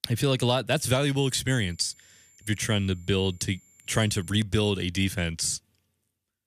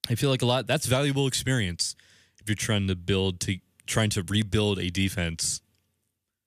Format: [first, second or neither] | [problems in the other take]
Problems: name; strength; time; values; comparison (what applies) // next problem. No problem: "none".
second | high-pitched whine; faint; from 1.5 to 4.5 s; 7.5 kHz, 30 dB below the speech